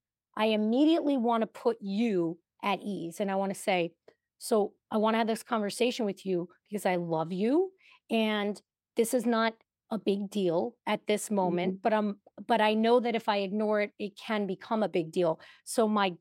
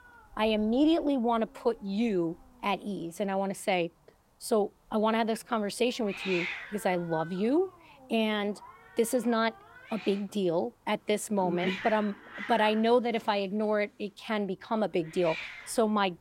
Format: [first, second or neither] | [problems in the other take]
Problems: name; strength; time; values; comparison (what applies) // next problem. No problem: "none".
first | hiss; noticeable; throughout; 10 dB below the speech